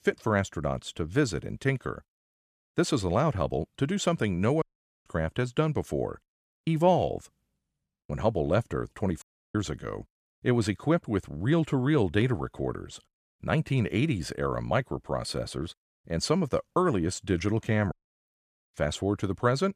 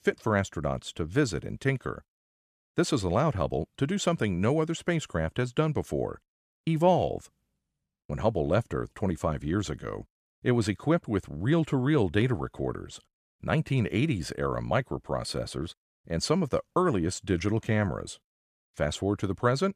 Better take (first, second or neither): second